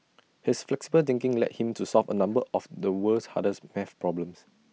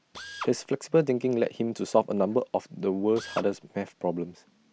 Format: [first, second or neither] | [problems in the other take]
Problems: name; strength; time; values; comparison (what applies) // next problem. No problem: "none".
first | background sound (Drill); 18 dB below the speech